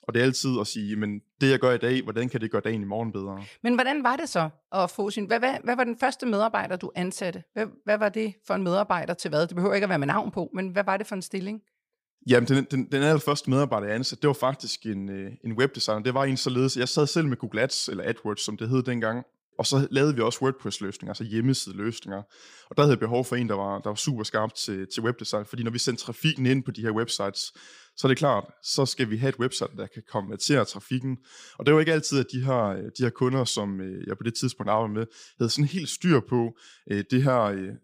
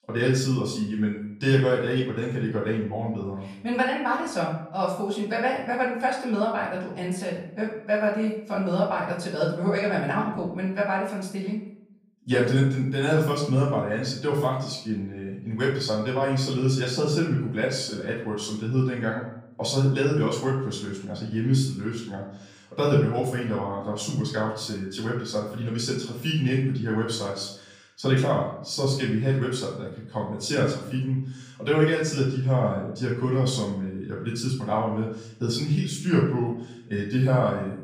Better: first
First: none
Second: off-mic speech; far // room echo; noticeable; dies away in 0.6 s

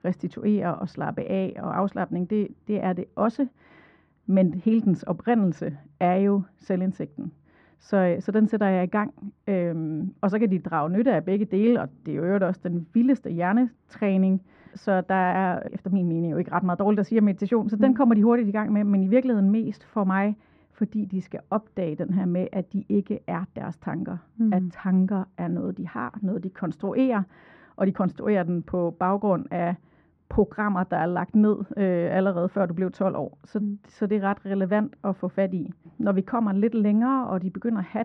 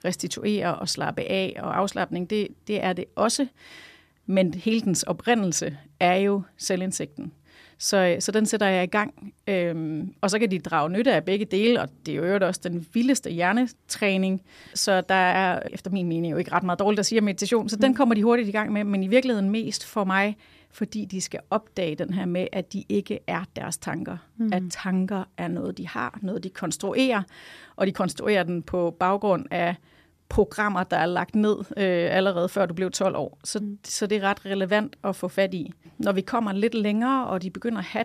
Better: second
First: muffled; very; fading above 1.5 kHz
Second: none

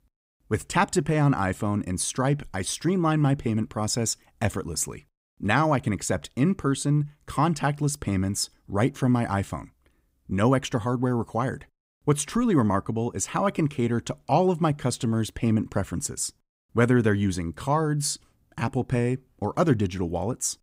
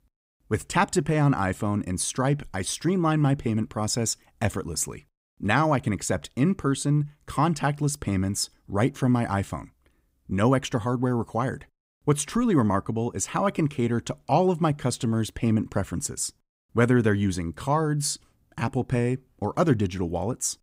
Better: neither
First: none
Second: none

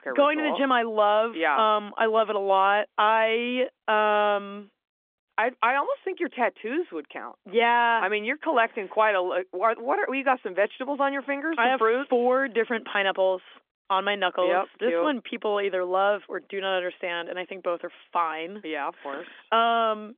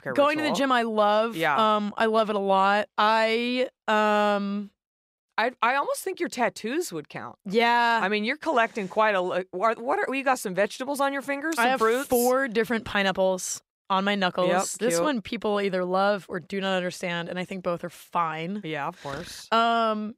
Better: second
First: phone-call audio; nothing above 3.5 kHz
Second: none

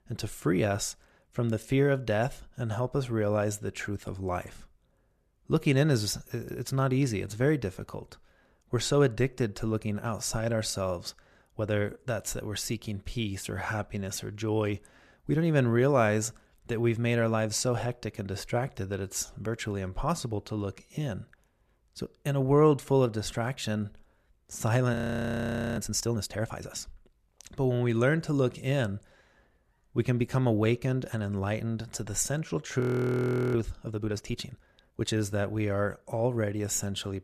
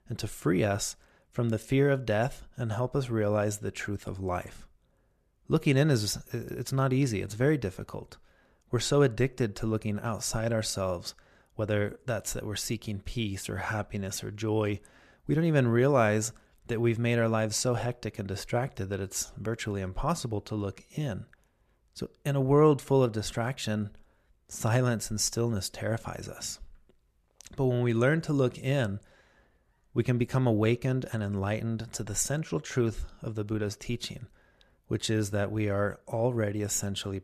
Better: second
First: audio freezing; at 25 s for 1 s and at 33 s for 0.5 s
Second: none

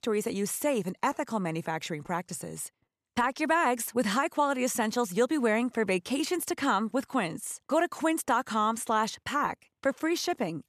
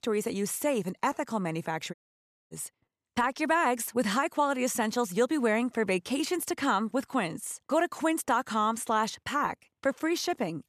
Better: first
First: none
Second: audio cutting out; at 2 s for 0.5 s

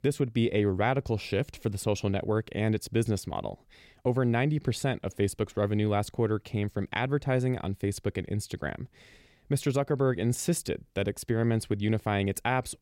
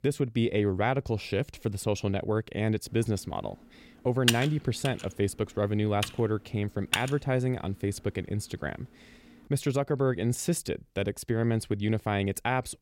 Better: first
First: none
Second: keyboard typing; loud; from 4.5 to 7 s; peak 2 dB above the speech

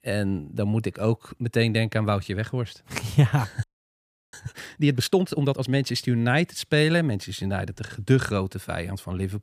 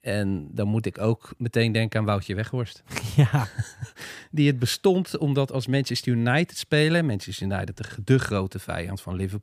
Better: second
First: audio freezing; at 3.5 s for 0.5 s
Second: none

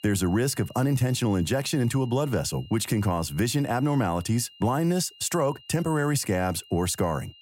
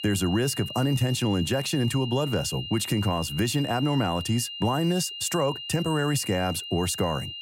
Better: first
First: high-pitched whine; faint; throughout; 3 kHz, 25 dB below the speech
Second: high-pitched whine; loud; throughout; 3 kHz, 8 dB below the speech

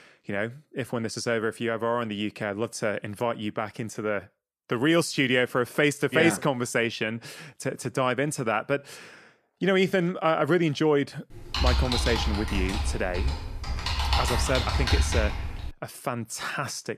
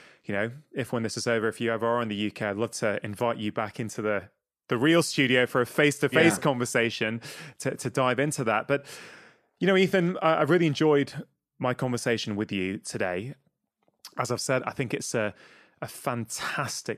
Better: second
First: keyboard typing; loud; from 12 to 16 s; peak 2 dB above the speech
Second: none

